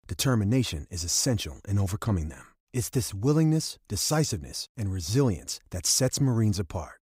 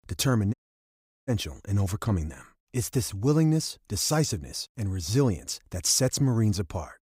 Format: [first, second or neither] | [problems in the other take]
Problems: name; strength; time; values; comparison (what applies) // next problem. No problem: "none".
first | audio cutting out; at 0.5 s for 0.5 s